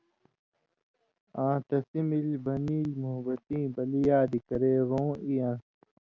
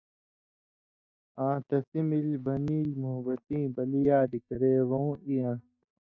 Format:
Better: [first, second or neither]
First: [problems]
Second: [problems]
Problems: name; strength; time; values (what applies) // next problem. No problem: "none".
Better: first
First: none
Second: noise reduction (neural mask model DeepFilterNet 3)